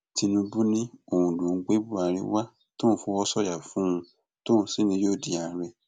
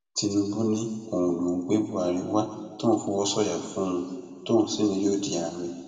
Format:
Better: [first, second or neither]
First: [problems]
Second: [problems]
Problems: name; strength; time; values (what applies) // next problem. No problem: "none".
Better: first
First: none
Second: room echo; dies away in 1.8 s